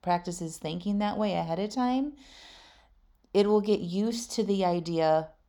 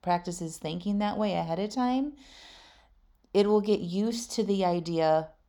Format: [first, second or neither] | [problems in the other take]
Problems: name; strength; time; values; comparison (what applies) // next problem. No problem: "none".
neither | none